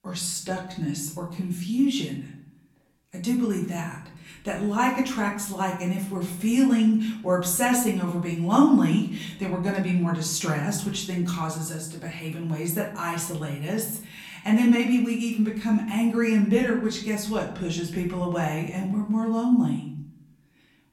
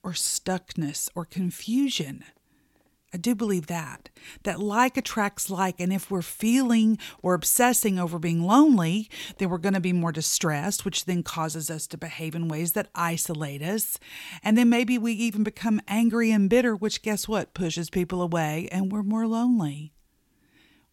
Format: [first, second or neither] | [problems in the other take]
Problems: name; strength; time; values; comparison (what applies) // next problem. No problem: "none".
second | off-mic speech; far // room echo; slight; dies away in 0.6 s